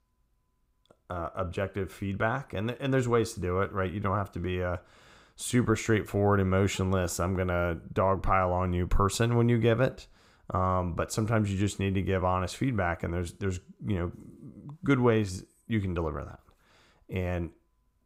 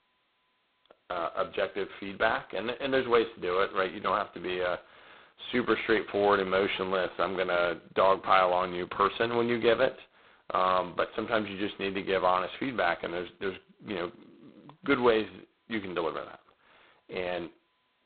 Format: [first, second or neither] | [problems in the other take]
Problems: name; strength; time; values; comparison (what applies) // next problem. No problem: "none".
first | phone-call audio; poor line; nothing above 4 kHz